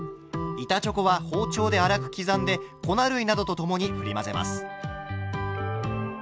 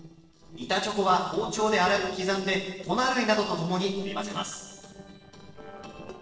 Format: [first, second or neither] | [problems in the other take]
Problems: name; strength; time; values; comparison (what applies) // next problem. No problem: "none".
first | noise reduction (neural separator model SepFormer DNS4)